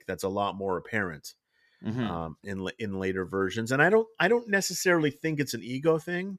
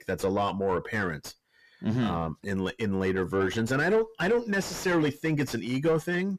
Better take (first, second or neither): first